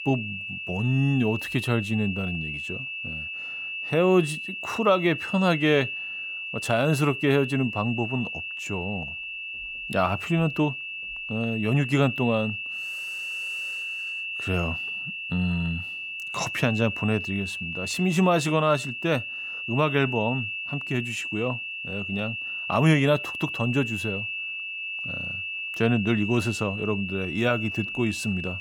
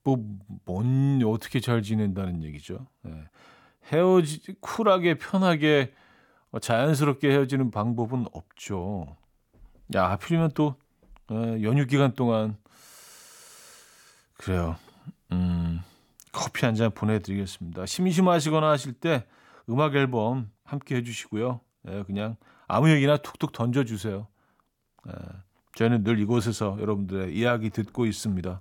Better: second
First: high-pitched whine; loud; throughout; 2.5 kHz, 5 dB below the speech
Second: none

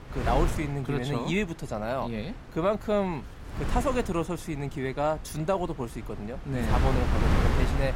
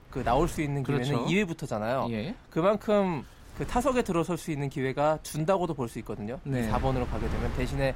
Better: second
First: wind noise on the microphone; heavy; 4 dB below the speech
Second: wind noise on the microphone; occasional gusts; 15 dB below the speech

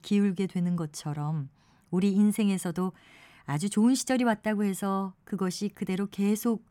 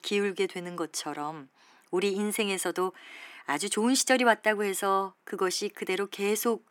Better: first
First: none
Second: thin; somewhat; fading below 350 Hz

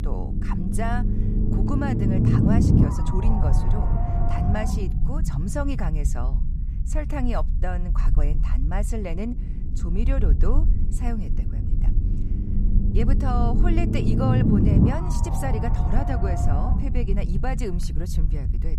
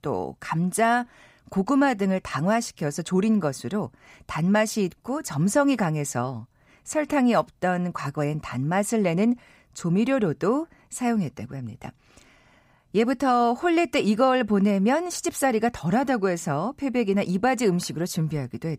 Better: second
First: low rumble; loud; throughout; as loud as the speech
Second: none

